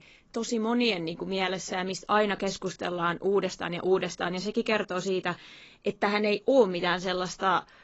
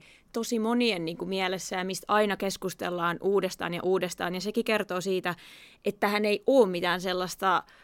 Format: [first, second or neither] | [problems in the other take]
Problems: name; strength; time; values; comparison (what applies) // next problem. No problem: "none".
second | garbled, watery; badly; nothing above 7.5 kHz